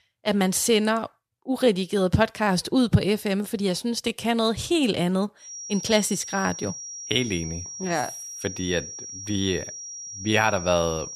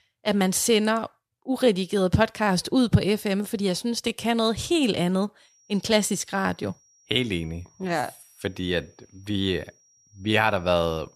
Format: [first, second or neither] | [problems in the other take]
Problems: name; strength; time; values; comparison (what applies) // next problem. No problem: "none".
second | high-pitched whine; loud; from 5.5 s on; 5.5 kHz, 10 dB below the speech; faint in the second